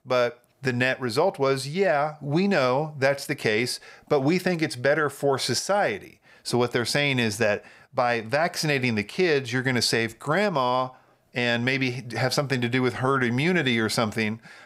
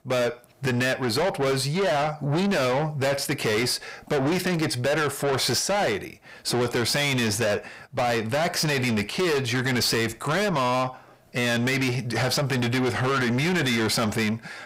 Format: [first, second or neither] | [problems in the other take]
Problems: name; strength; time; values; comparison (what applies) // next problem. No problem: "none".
first | distortion; heavy; 6 dB below the speech